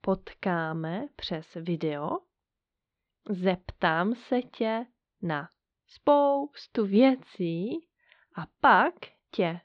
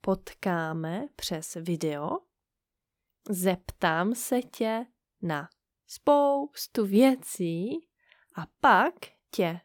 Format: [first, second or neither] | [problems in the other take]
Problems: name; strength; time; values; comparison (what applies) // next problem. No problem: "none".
second | muffled; slightly; fading above 4 kHz